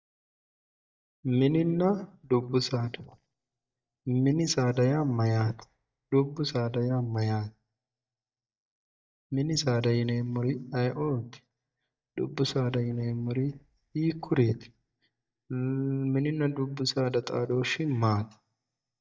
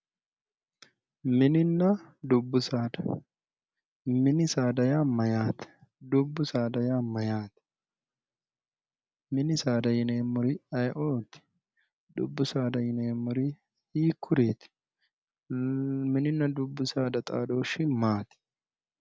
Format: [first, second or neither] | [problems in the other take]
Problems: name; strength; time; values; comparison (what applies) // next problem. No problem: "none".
second | noise reduction (neural mask model DeepFilterNet 3)